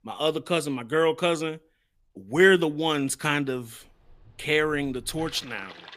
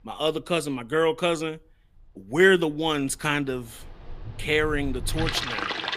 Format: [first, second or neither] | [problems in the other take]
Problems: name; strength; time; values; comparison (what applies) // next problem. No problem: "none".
first | rain or running water; loud; throughout; 8 dB below the speech; faint in the first